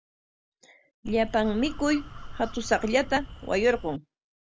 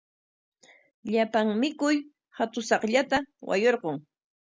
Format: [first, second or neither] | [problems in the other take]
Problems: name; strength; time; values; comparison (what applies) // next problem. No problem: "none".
second | background sound (Crow); 11 dB below the speech